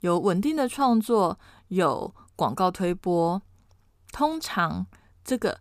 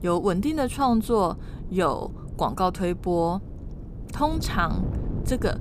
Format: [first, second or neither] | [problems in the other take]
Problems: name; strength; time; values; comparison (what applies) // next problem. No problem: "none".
first | wind noise on the microphone; occasional gusts; 20 dB below the speech